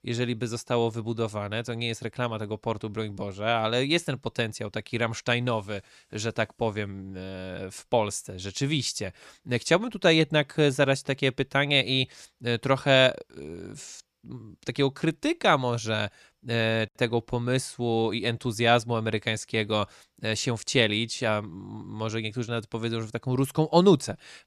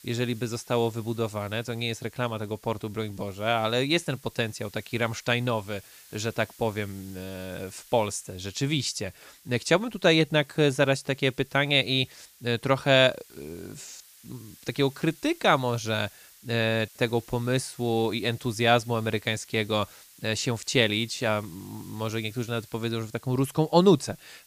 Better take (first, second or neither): first